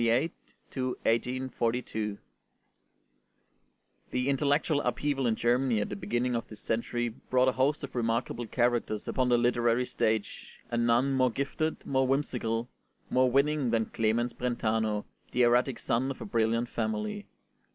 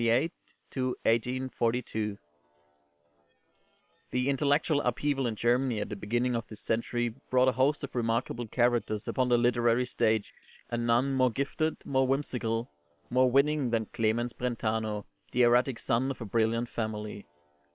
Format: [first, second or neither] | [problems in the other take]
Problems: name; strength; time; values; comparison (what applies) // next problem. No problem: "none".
first | noise reduction (neural separator model SepFormer WHAM!)